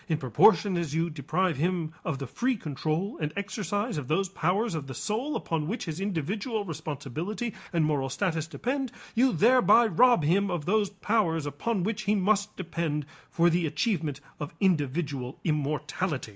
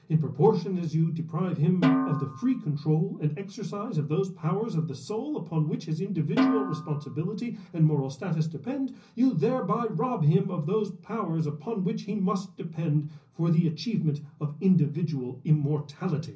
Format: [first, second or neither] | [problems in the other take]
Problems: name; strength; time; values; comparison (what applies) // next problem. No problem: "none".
first | background sound (Snare drum); 3 dB below the speech // room echo; dies away in 0.5 s